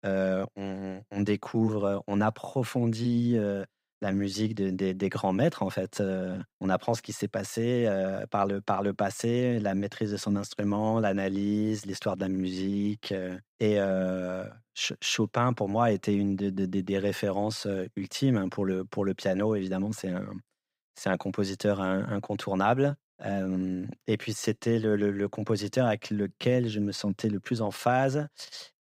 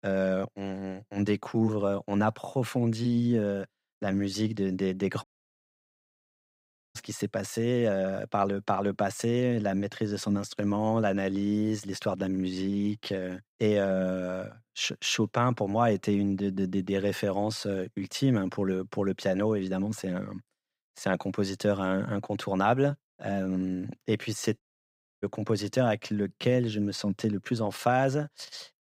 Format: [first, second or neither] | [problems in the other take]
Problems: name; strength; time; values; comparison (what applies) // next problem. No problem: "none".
first | audio cutting out; at 5 s for 1.5 s and at 25 s for 0.5 s